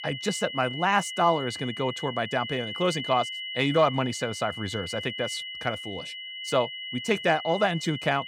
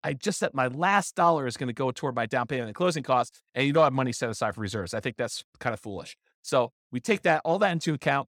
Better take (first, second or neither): second